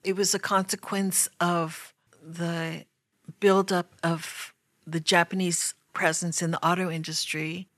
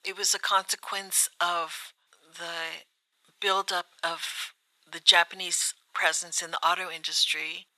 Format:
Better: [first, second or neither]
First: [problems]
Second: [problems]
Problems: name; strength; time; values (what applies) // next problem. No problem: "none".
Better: first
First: none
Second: thin; very; fading below 900 Hz